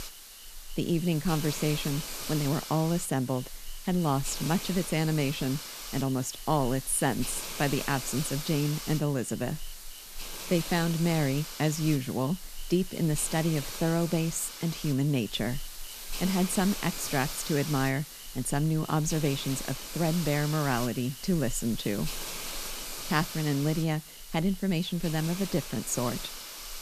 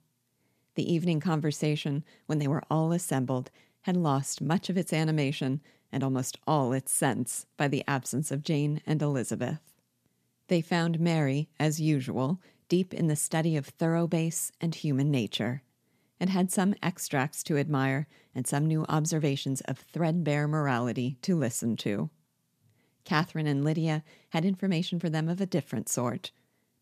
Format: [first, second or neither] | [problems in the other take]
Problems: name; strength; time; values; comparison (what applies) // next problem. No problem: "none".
second | hiss; loud; throughout; 9 dB below the speech